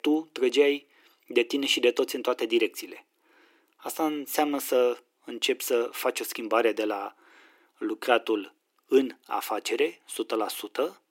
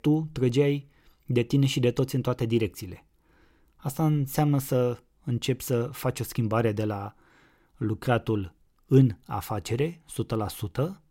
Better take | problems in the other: second | thin; somewhat; fading below 300 Hz

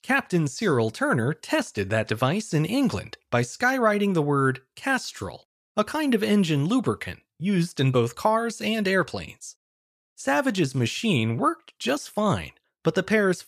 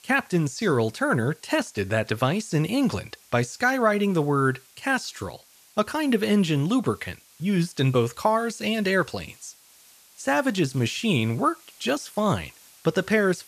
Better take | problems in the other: first | hiss; faint; throughout; 25 dB below the speech

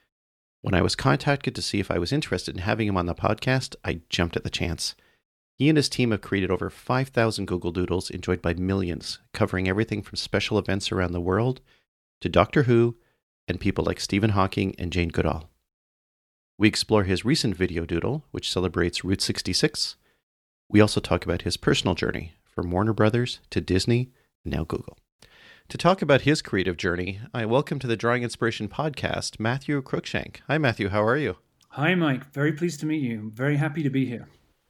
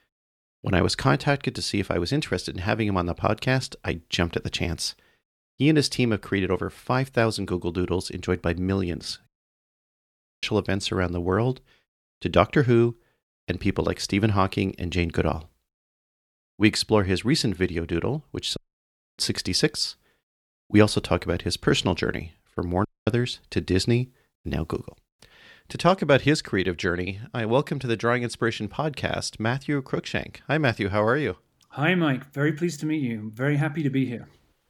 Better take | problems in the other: first | audio cutting out; at 9.5 s for 1 s, at 19 s for 0.5 s and at 23 s

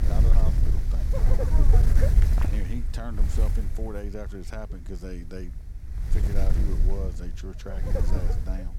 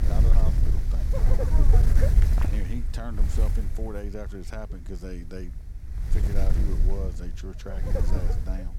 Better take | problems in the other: neither | wind noise on the microphone; heavy; 3 dB above the speech; the same in both

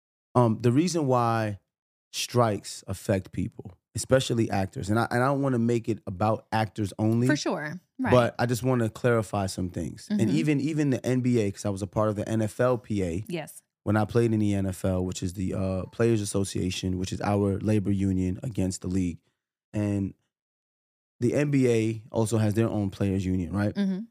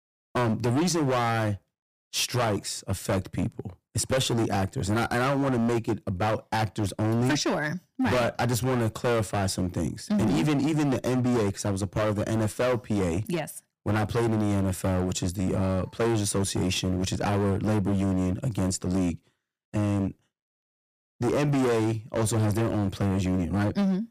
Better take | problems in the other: first | distortion; heavy; 20% of the sound clipped

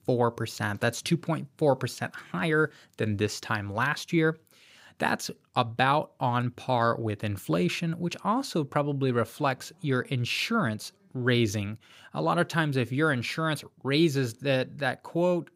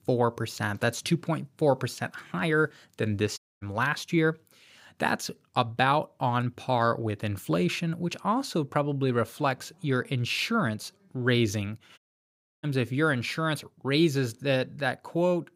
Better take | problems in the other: first | audio cutting out; at 3.5 s and at 12 s for 0.5 s

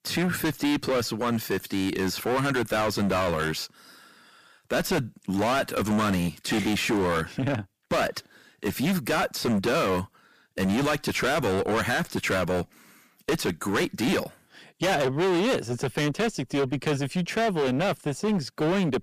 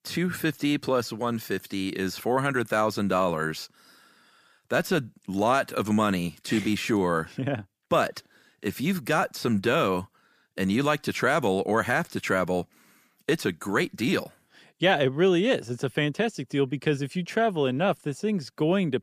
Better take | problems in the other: second | distortion; heavy; 19% of the sound clipped

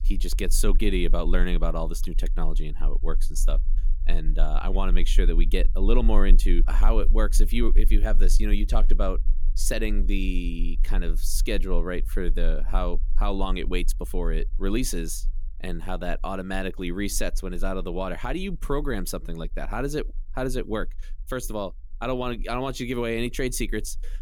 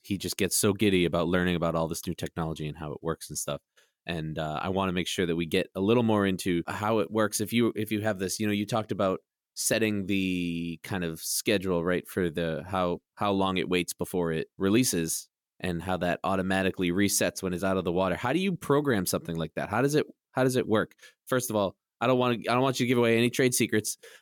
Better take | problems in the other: second | low rumble; faint; throughout; 25 dB below the speech

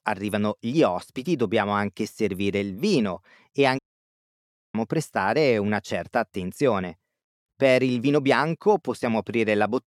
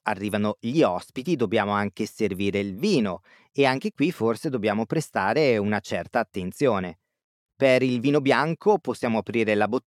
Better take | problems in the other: second | audio cutting out; at 4 s for 1 s

